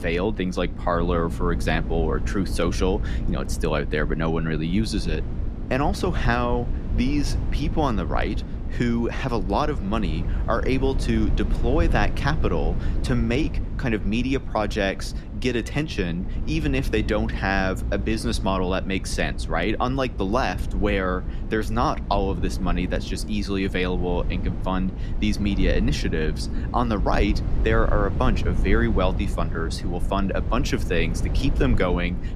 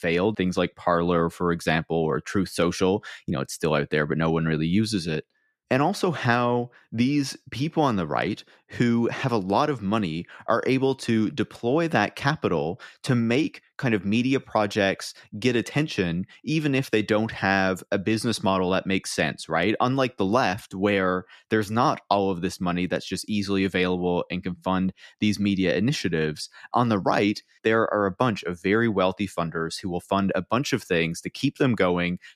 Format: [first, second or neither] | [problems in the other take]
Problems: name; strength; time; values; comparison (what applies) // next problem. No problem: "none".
second | low rumble; noticeable; throughout; 15 dB below the speech